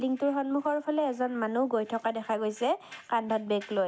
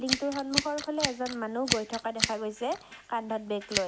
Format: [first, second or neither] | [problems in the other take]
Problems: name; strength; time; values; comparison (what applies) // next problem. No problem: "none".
first | background sound (Scissors); 2 dB below the speech